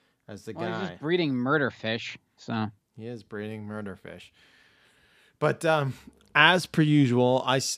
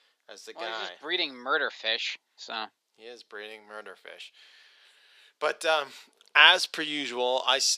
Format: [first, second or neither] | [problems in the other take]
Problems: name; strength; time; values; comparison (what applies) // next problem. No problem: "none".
first | thin; very; fading below 500 Hz